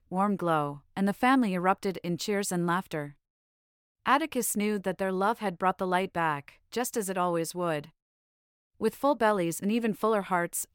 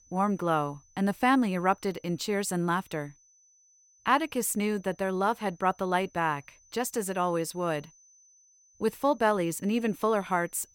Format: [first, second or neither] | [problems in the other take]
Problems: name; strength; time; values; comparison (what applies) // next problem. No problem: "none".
first | high-pitched whine; faint; throughout; 6 kHz, 30 dB below the speech